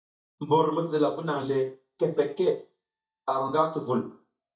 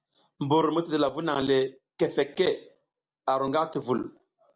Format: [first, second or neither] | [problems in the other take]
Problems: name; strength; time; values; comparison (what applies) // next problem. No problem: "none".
second | noise reduction (neural mask model DeepFilterNet 3)